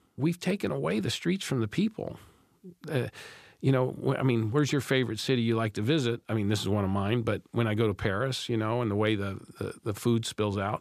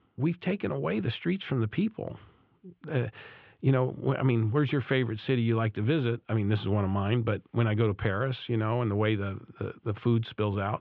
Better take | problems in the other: first | muffled; very; fading above 3 kHz

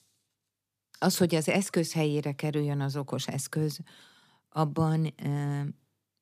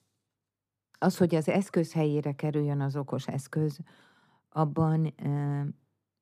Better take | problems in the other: first | muffled; slightly; fading above 2 kHz

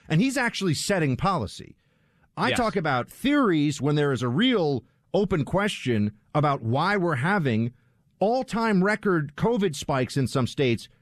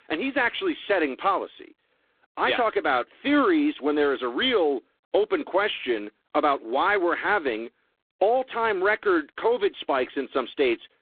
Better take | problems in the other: first | phone-call audio; poor line

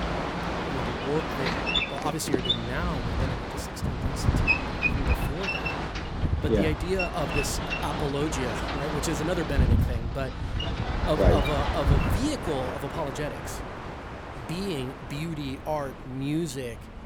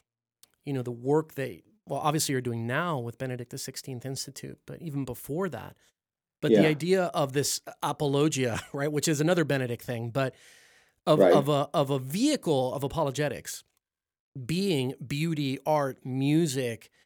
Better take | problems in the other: second | train or aircraft noise; very loud; throughout; 3 dB above the speech

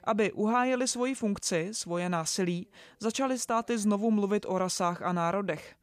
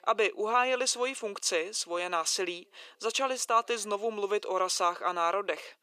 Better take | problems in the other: first | thin; very; fading below 400 Hz

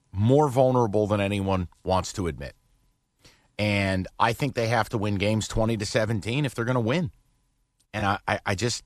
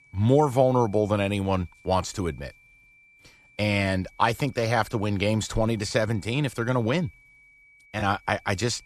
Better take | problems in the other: first | high-pitched whine; faint; throughout; 2.5 kHz, 30 dB below the speech

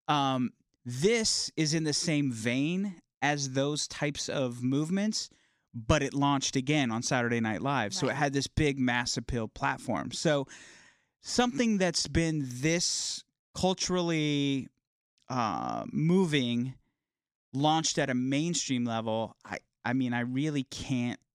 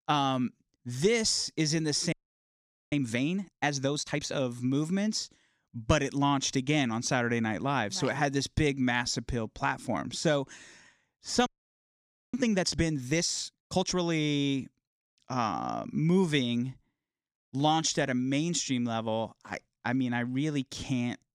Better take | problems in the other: first | audio freezing; at 2 s for 1 s and at 11 s for 1 s

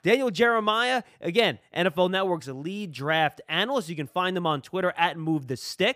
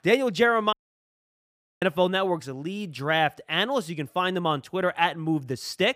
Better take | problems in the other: first | audio cutting out; at 0.5 s for 1 s

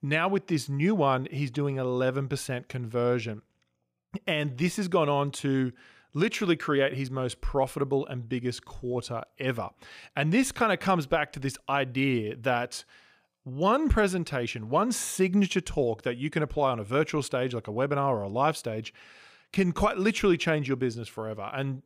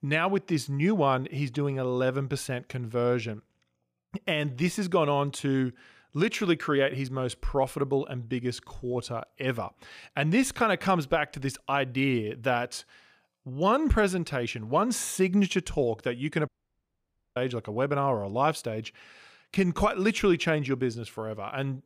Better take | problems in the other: first | audio cutting out; at 16 s for 1 s

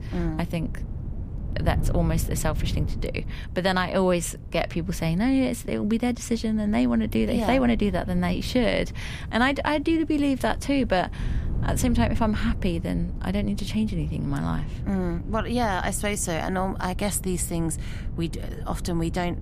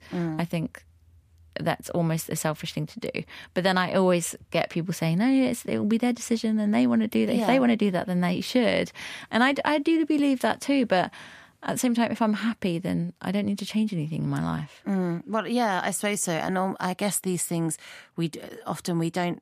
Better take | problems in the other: second | wind noise on the microphone; occasional gusts; 20 dB below the speech

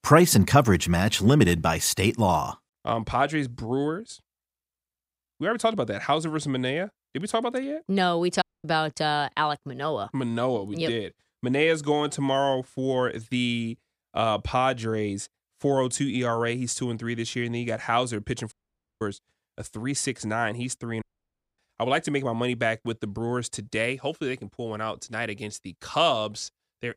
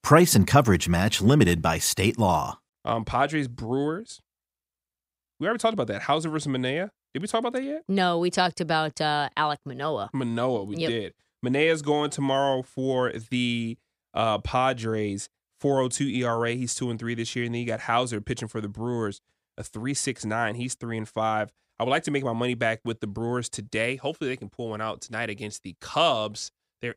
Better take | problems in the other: second | audio cutting out; at 8.5 s, at 19 s and at 21 s for 0.5 s

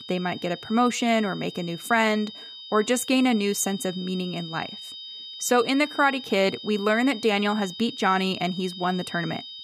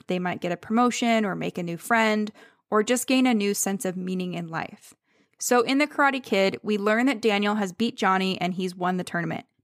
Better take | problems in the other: second | high-pitched whine; noticeable; throughout; 3.5 kHz, 15 dB below the speech

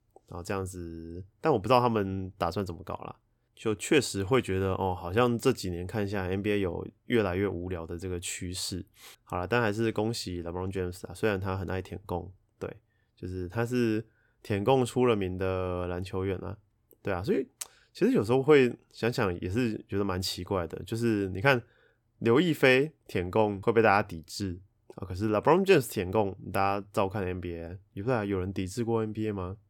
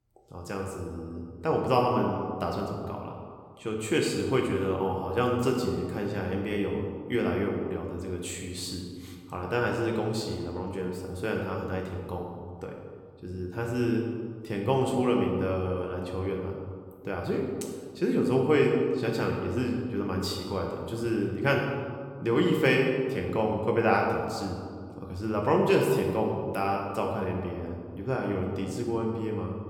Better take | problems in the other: first | room echo; noticeable; dies away in 1.6 s // off-mic speech; somewhat distant

